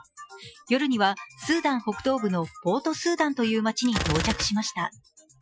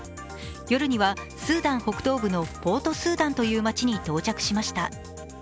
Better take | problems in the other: second | noise reduction (classical method Wiener filter)

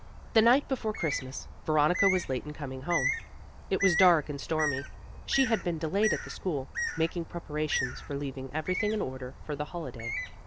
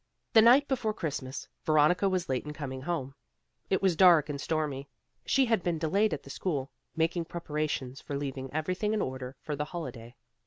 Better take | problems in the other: second | background sound (Bird); 6 dB below the speech

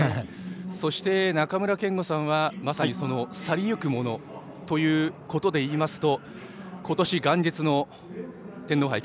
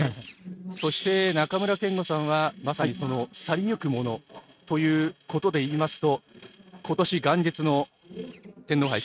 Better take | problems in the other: first | noise reduction (neural mask model RNNoise)

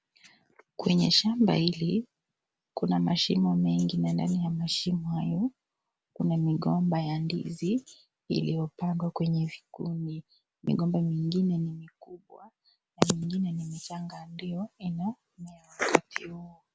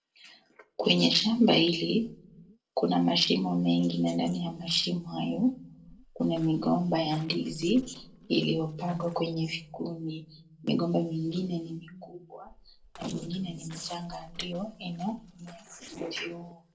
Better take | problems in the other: first | noise reduction (neural separator model SepFormer DNS4)

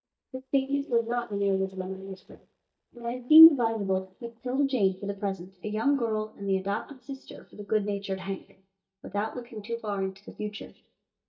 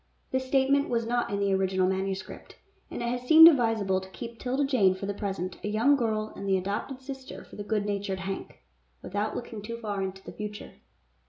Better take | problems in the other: second | noise reduction (neural mask model DeepFilterNet 3)

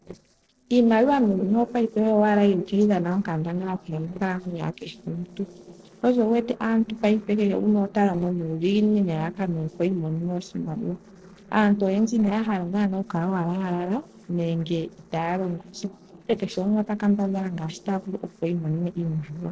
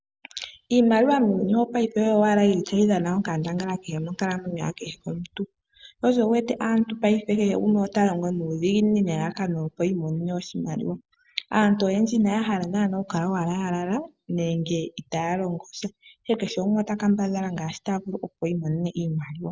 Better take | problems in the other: second | noise reduction (neural separator model SepFormer DNS4)

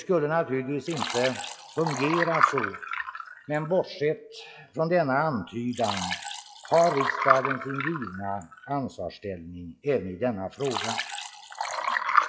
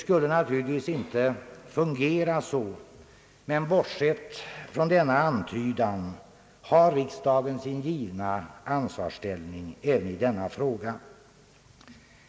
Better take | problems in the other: second | noise reduction (classical method log-MMSE)

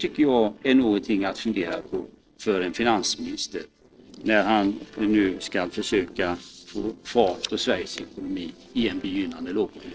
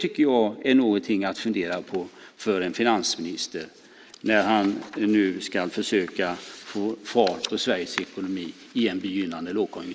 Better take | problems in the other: second | noise reduction (neural separator model SepFormer DNS4)

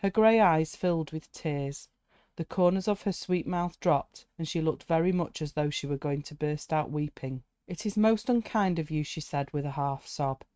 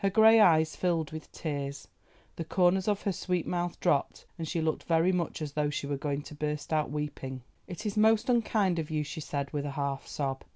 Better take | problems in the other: second | noise reduction (neural mask model RNNoise)

